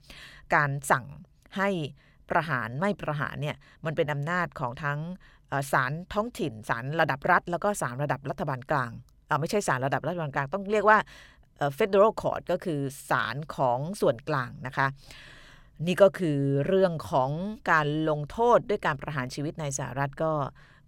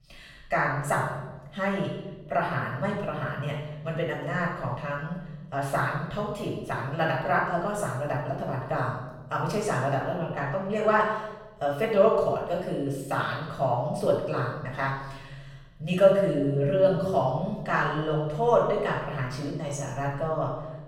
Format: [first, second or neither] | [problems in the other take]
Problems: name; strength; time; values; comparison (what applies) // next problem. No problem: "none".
first | off-mic speech; far // room echo; noticeable; dies away in 1 s